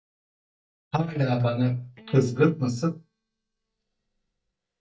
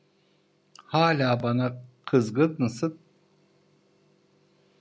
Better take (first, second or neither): second